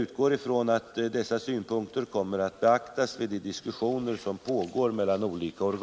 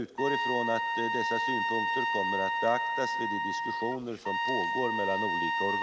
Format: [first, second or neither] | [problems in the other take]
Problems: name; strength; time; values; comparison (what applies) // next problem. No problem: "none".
first | background sound (Trumpet); 3 dB above the speech